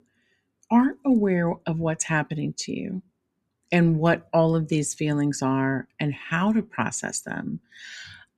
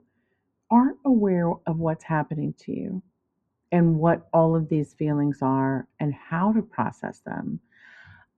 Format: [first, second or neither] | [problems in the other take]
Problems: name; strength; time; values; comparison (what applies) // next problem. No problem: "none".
first | muffled; very; fading above 2.5 kHz